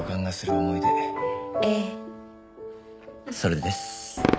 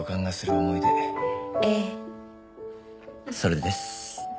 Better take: second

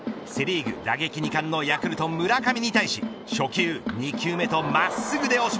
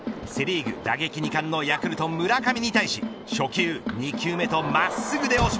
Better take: first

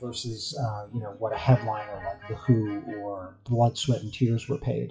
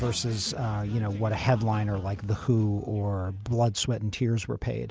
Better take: second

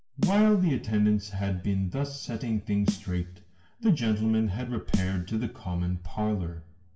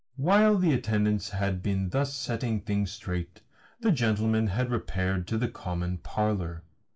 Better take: second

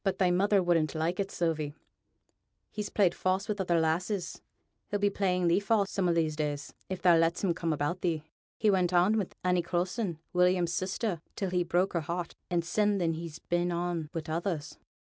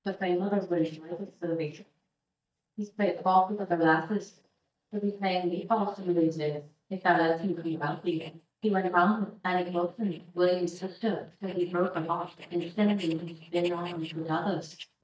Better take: first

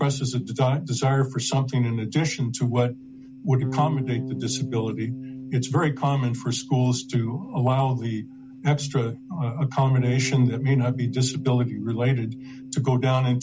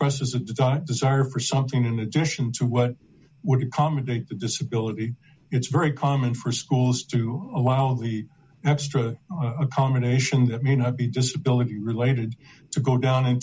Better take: second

